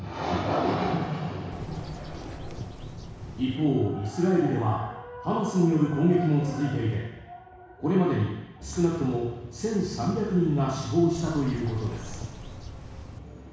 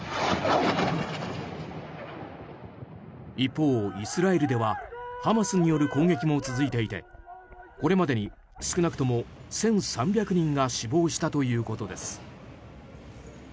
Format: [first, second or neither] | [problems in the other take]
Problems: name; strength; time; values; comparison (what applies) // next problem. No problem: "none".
second | background sound (Bird); 13 dB below the speech // room echo; dies away in 1.1 s